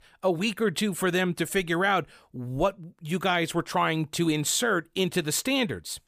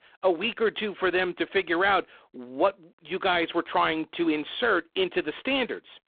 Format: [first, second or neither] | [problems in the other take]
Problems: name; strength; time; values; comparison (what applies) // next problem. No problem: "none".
first | phone-call audio; poor line